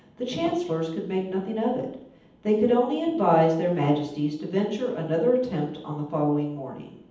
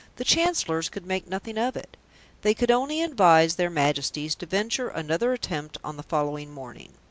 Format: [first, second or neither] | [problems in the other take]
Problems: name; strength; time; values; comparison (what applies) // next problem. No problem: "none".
second | room echo; dies away in 0.8 s